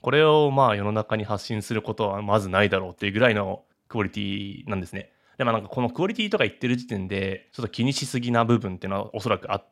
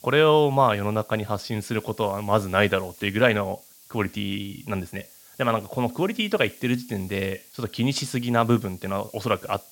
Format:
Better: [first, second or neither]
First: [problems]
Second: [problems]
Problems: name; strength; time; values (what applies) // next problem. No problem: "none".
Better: first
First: none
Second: hiss; faint; throughout; 20 dB below the speech